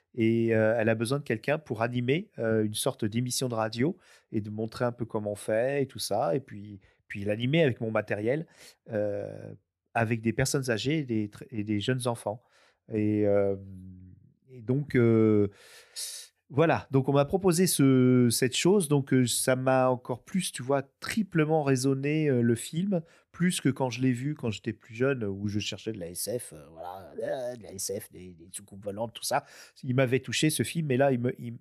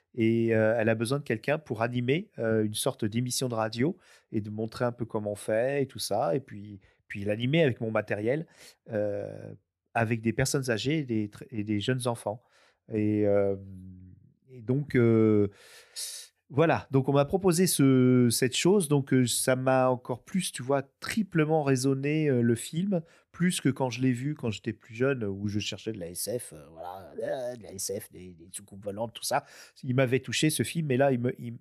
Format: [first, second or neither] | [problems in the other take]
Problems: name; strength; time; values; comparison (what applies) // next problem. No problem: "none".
neither | none